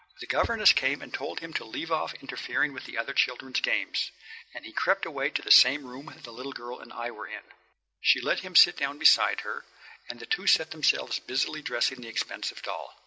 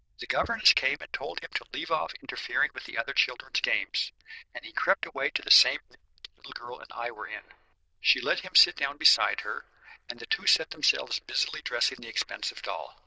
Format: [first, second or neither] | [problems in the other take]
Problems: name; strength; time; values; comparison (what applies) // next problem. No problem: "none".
first | noise reduction (neural diffusion model UNIVERSE++)